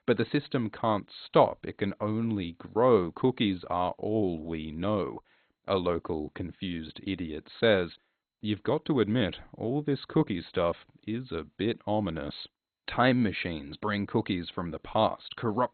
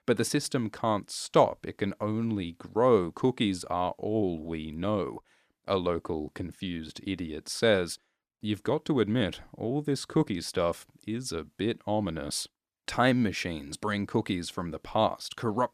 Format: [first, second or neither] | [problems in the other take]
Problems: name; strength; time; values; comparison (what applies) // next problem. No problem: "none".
second | garbled, watery; badly; nothing above 4 kHz